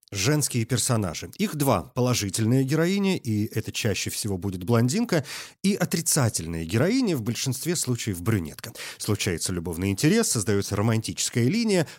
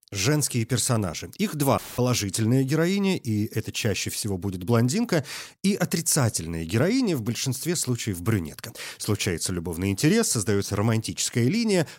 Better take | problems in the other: first | audio cutting out; filled with static; at 2 s

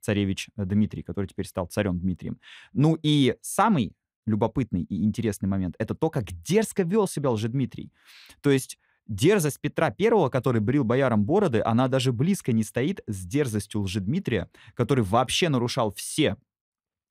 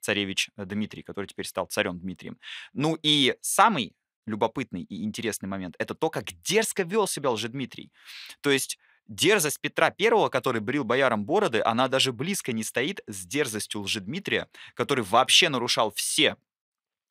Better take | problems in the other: first | thin; somewhat; fading below 750 Hz

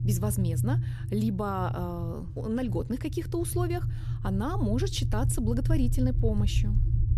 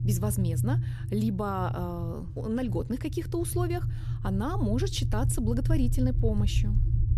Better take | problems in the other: neither | low rumble; loud; throughout; 10 dB below the speech; the same in both

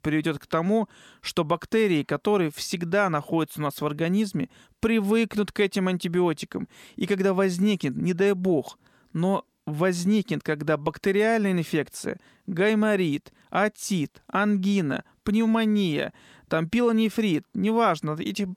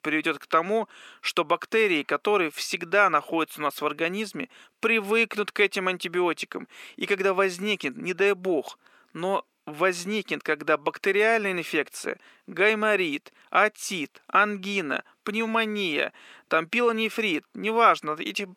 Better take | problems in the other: first | thin; somewhat; fading below 400 Hz

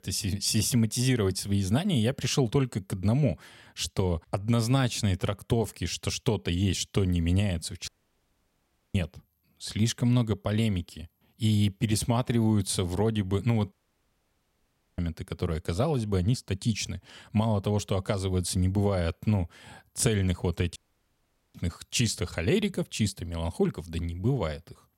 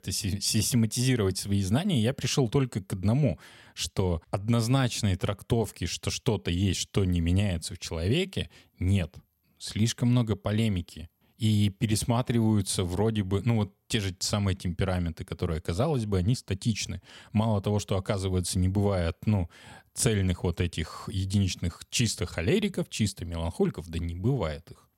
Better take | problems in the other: second | audio cutting out; at 8 s for 1 s, at 14 s for 1.5 s and at 21 s for 1 s

